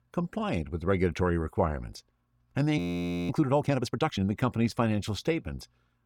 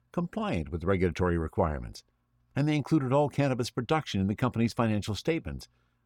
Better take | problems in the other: second | audio freezing; at 3 s for 0.5 s

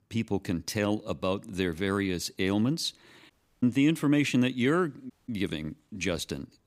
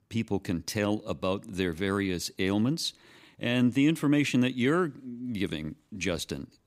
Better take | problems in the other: second | audio cutting out; at 3.5 s and at 5 s

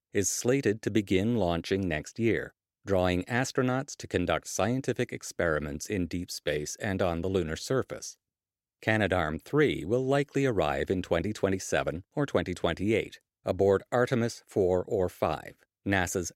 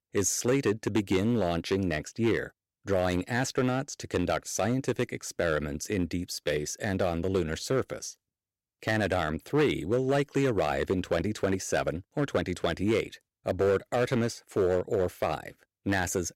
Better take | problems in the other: first | distortion; slight; 4% of the sound clipped

